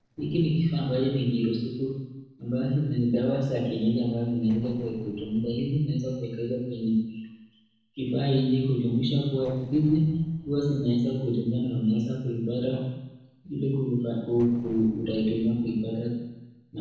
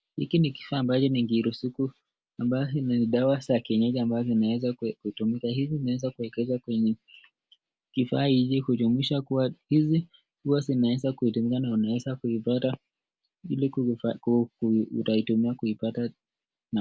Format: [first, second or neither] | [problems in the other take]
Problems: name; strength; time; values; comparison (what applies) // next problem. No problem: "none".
second | noise reduction (neural separator model SepFormer DNS4)